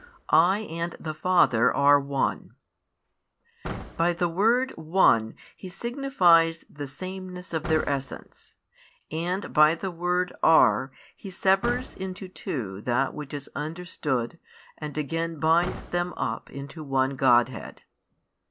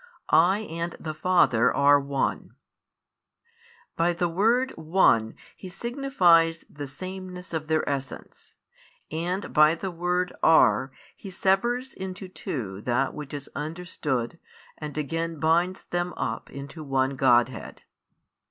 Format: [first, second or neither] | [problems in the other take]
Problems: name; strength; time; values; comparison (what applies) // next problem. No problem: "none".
second | background sound (Slam / Car); 18 dB below the speech